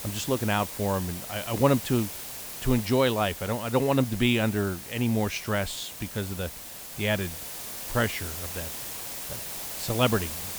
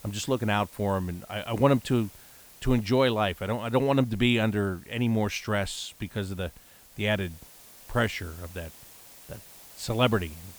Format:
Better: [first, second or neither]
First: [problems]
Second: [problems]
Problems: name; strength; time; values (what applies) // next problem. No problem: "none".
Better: second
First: hiss; loud; throughout; 7 dB below the speech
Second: hiss; faint; throughout; 20 dB below the speech